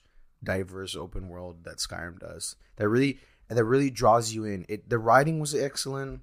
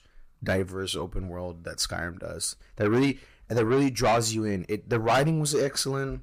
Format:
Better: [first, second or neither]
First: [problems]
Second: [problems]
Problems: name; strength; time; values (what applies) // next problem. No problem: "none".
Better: first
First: none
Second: distortion; heavy; 7 dB below the speech